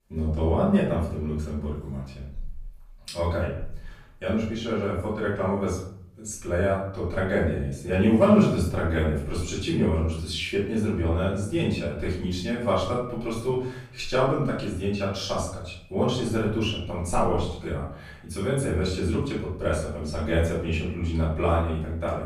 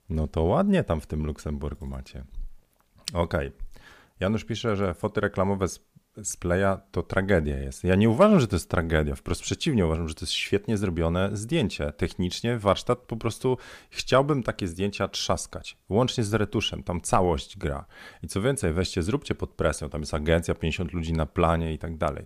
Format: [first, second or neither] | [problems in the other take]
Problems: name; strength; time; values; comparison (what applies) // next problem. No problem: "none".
second | off-mic speech; far // room echo; noticeable; dies away in 0.6 s